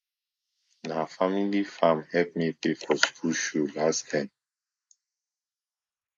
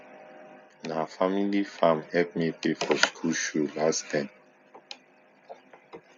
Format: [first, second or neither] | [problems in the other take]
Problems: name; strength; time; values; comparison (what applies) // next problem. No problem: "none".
second | noise reduction (neural mask model Resemble Enhance denoiser)